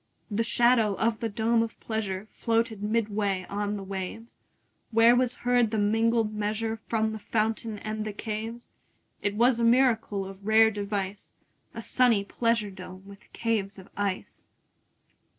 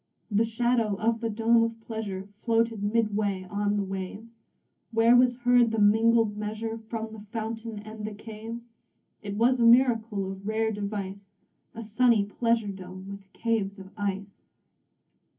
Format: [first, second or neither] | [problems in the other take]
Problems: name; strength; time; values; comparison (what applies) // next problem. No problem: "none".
first | room echo; dies away in 0.3 s